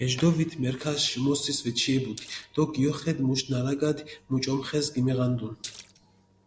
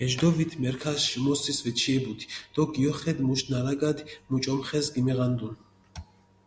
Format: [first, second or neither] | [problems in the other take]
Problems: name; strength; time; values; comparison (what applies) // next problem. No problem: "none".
second | noise reduction (neural separator model SepFormer DNS4)